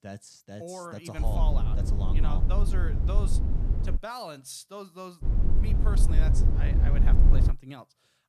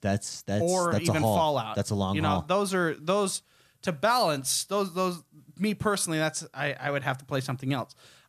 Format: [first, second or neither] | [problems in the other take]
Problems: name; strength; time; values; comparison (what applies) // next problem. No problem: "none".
second | low rumble; loud; from 1 to 4 s and from 5 to 7.5 s; 2 dB below the speech